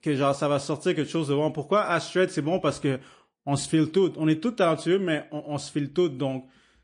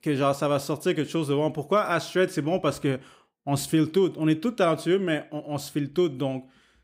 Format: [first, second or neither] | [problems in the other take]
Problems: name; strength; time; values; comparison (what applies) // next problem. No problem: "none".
second | garbled, watery; slightly; nothing above 9 kHz